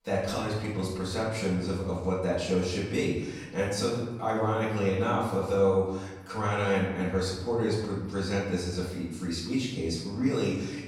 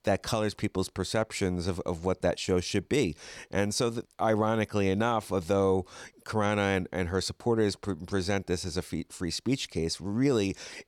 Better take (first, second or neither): second